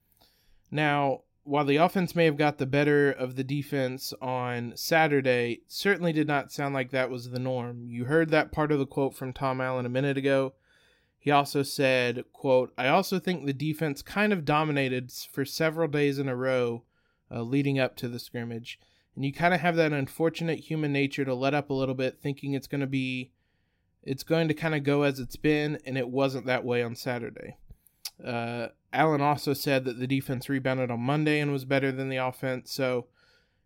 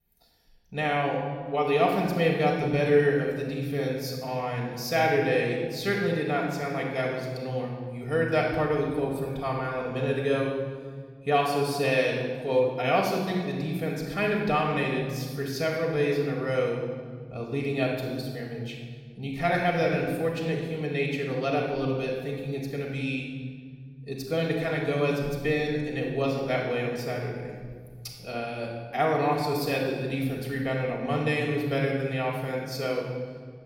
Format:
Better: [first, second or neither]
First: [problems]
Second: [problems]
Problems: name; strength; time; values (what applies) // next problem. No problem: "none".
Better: first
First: none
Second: off-mic speech; far // room echo; noticeable; dies away in 1.7 s